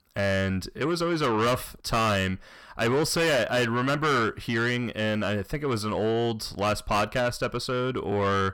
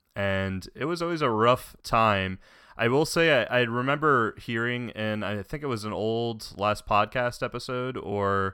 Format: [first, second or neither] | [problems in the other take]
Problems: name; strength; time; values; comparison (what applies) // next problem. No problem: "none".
second | distortion; heavy; 7 dB below the speech